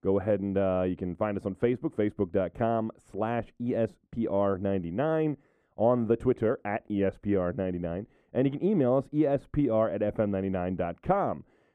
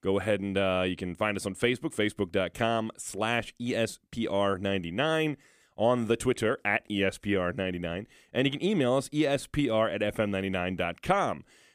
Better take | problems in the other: second | muffled; very; fading above 2 kHz

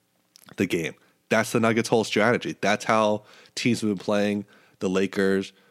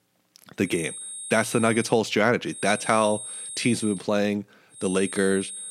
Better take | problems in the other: first | high-pitched whine; loud; from 0.5 to 2 s, from 2.5 to 4 s and at 5 s; 8.5 kHz, 10 dB below the speech

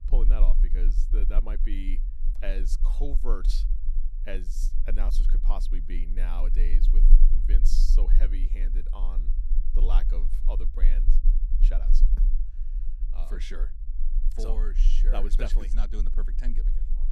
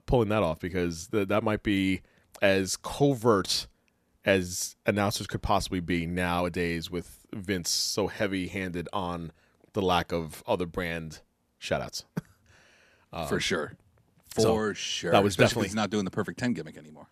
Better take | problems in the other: second | low rumble; noticeable; throughout; 10 dB below the speech

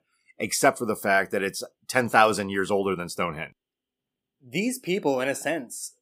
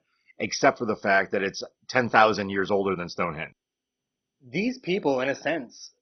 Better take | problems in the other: first | garbled, watery; badly; nothing above 6 kHz

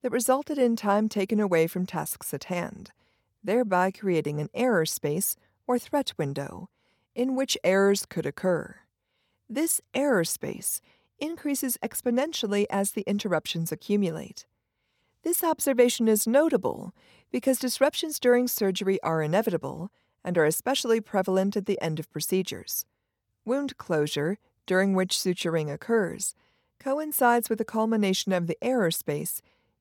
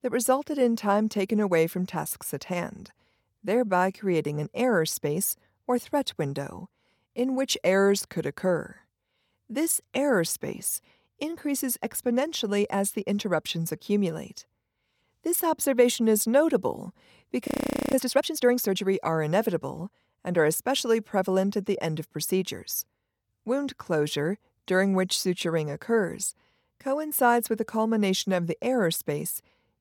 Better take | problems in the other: first | audio freezing; at 17 s

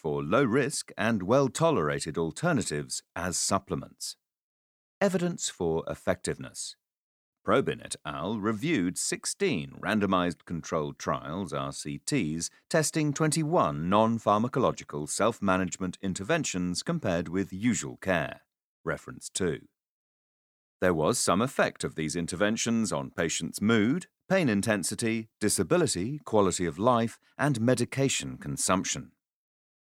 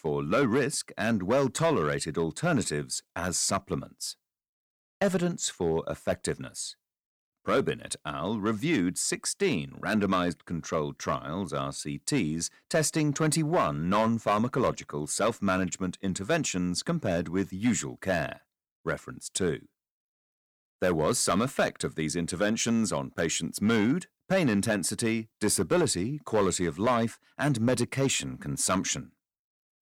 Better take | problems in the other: first | distortion; slight; 2% of the sound clipped

